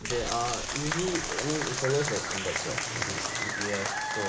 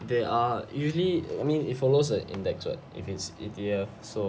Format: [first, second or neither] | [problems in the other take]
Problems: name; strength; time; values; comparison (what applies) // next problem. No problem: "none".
second | background sound (Applause); as loud as the speech